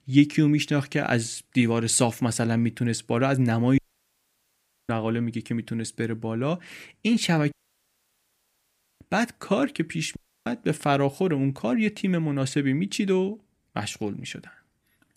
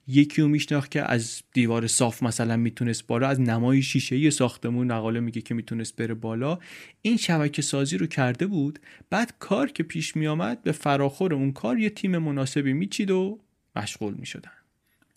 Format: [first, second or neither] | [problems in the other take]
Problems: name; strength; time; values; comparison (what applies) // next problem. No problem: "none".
second | audio cutting out; at 4 s for 1 s, at 7.5 s for 1.5 s and at 10 s